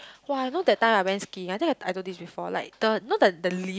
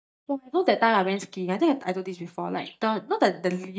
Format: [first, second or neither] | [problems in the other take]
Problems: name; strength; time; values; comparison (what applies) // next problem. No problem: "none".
first | noise reduction (neural mask model DeepFilterNet 3)